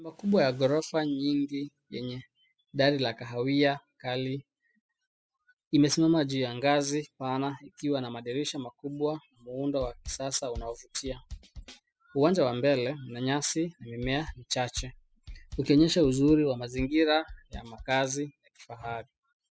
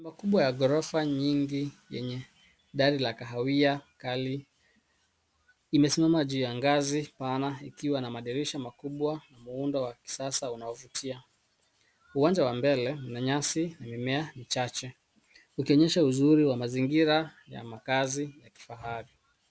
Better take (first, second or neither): second